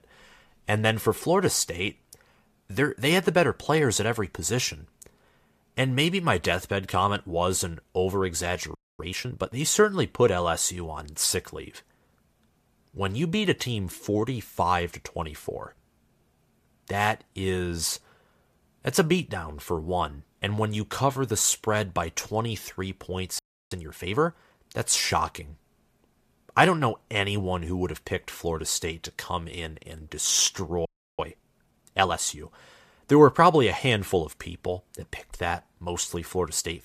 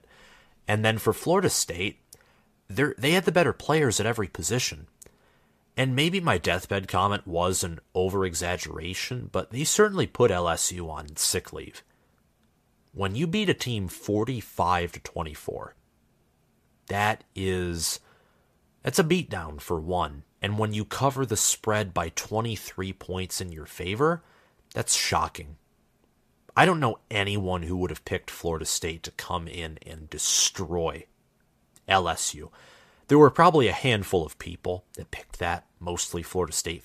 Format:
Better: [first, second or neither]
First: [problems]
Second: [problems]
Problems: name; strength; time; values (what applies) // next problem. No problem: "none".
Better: second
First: audio freezing; at 9 s, at 23 s and at 31 s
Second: none